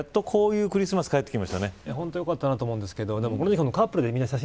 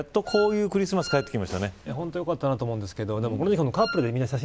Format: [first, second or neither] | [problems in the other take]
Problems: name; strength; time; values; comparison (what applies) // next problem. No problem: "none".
first | background sound (Wind instrument, woodwind instrument); 11 dB below the speech